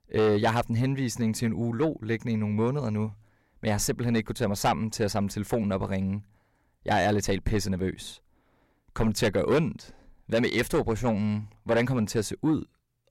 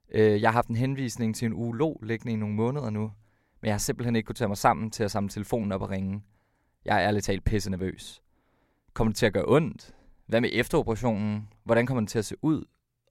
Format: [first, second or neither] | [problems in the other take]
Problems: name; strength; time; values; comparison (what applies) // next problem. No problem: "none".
second | distortion; slight; 10 dB below the speech